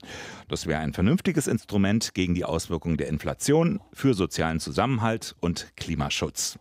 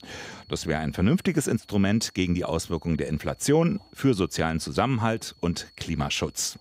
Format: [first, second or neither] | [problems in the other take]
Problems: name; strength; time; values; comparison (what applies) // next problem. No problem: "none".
first | high-pitched whine; faint; throughout; 4.5 kHz, 30 dB below the speech